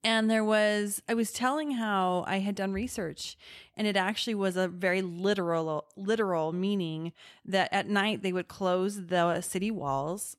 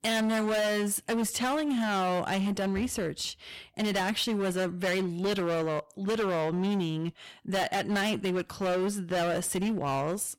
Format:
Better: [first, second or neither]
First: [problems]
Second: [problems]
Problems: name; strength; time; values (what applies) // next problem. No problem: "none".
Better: first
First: none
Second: distortion; heavy; 24% of the sound clipped